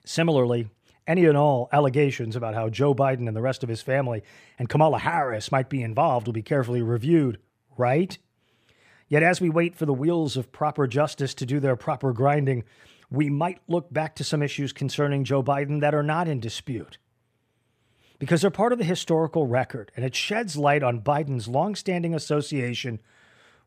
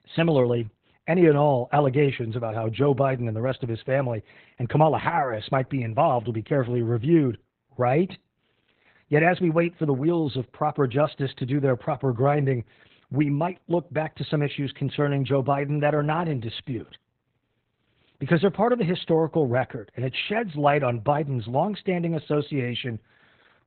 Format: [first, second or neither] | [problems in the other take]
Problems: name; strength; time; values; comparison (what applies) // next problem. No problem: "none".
first | garbled, watery; badly; nothing above 4 kHz